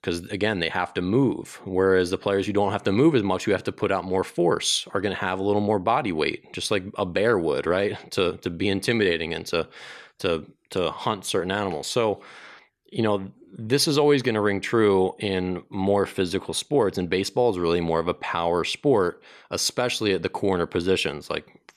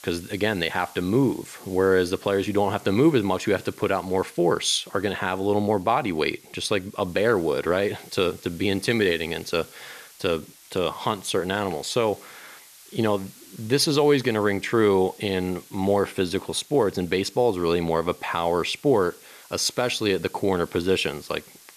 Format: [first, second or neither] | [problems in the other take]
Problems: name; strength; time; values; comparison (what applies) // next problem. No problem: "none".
first | hiss; faint; throughout; 25 dB below the speech